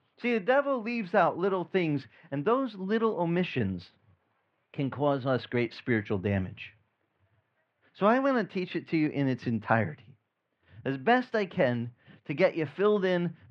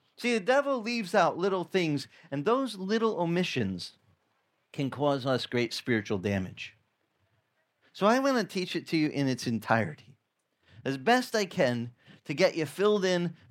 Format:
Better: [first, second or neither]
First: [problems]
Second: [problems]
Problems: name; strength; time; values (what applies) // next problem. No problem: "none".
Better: second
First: muffled; slightly; fading above 2.5 kHz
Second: none